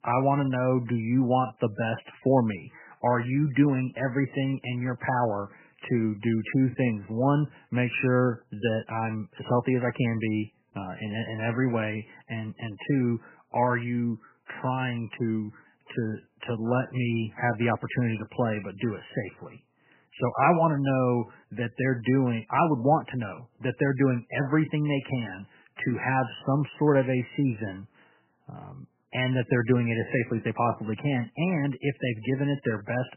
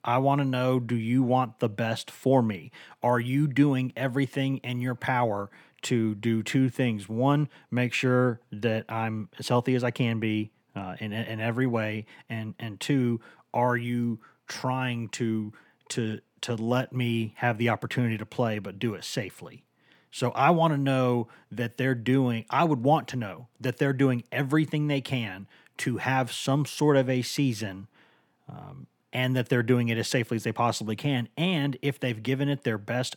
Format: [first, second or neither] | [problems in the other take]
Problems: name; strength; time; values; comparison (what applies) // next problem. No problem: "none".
second | garbled, watery; badly; nothing above 3 kHz